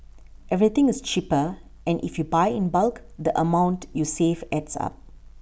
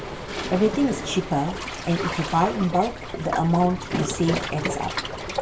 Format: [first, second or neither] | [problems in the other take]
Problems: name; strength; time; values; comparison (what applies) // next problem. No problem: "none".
first | background sound (Waves, surf); 6 dB below the speech // room echo; dies away in 0.2 s